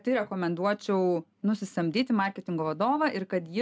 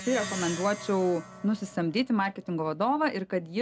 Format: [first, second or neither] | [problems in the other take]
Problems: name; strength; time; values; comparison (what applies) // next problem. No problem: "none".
first | background sound (Plucked string instrument); 14 dB below the speech